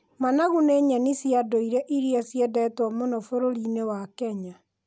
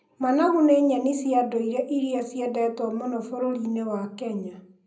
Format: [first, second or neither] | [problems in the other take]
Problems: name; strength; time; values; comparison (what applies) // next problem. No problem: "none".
first | room echo; dies away in 0.5 s